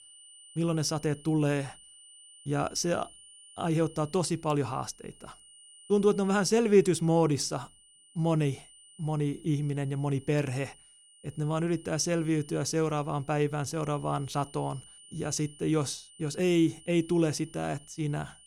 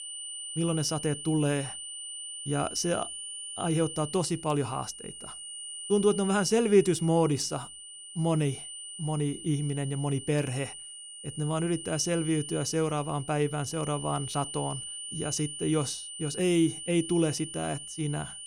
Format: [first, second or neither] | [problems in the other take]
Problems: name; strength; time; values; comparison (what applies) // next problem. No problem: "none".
first | high-pitched whine; loud; throughout; 9 kHz, 9 dB below the speech; faint in the first